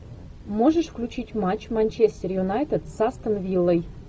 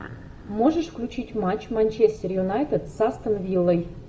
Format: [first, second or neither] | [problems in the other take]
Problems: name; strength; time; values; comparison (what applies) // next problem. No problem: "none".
first | room echo; dies away in 1.7 s